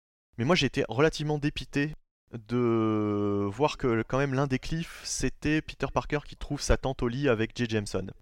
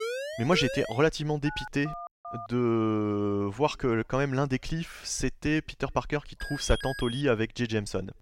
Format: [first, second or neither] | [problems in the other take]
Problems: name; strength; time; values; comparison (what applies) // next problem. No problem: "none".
first | siren; noticeable; until 1 s; peak 5 dB below the speech // phone ringing; faint; from 1.5 to 2.5 s; peak 10 dB below the speech // alarm; noticeable; at 6.5 s; peak 8 dB below the speech